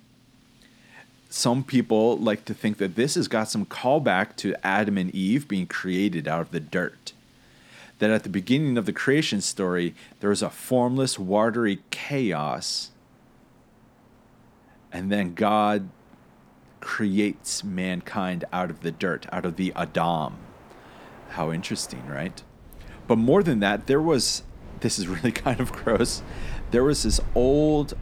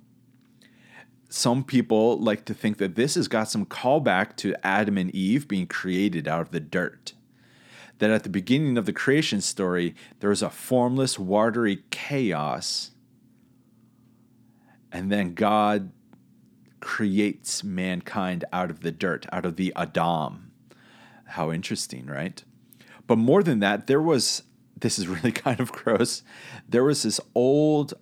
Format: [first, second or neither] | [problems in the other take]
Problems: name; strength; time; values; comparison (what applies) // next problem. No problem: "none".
second | wind in the background; noticeable; throughout; 20 dB below the speech